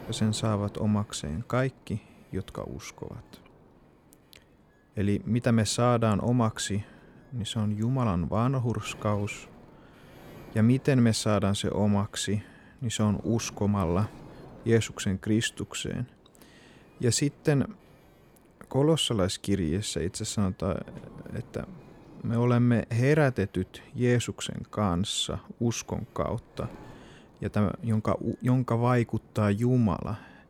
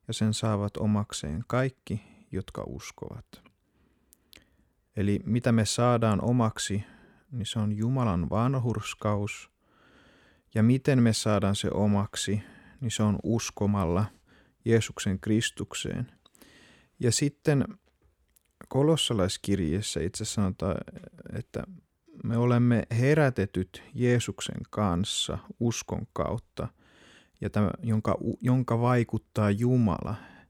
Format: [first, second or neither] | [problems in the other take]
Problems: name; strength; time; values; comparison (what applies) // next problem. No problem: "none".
second | wind noise on the microphone; occasional gusts; 25 dB below the speech